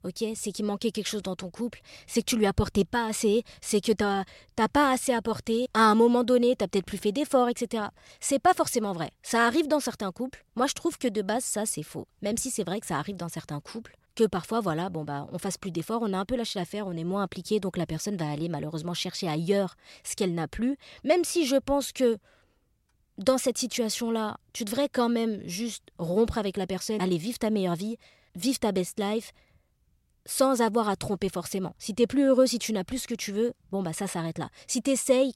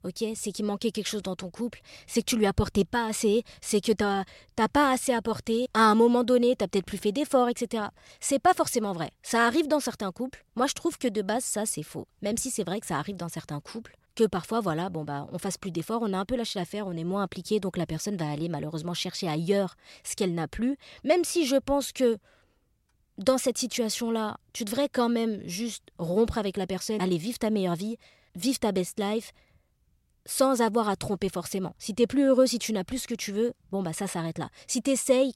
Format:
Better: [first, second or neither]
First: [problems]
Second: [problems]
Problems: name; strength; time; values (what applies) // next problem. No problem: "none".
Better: neither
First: none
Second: none